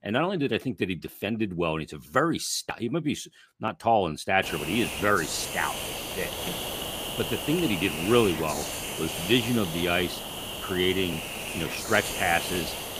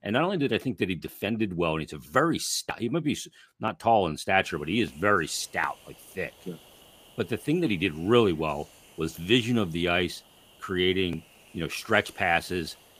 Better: second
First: hiss; loud; from 4.5 s on; 5 dB below the speech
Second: hiss; faint; from 4.5 s on; 25 dB below the speech

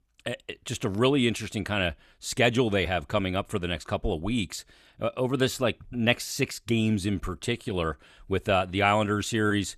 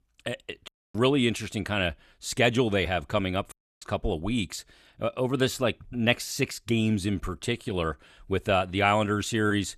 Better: first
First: none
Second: audio cutting out; at 0.5 s and at 3.5 s

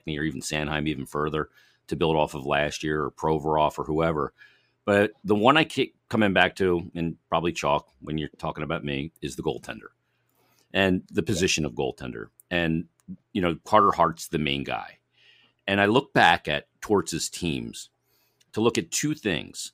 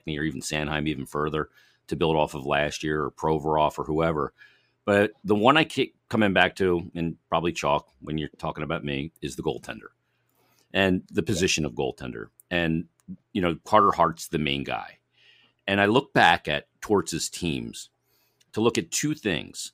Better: neither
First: none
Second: none

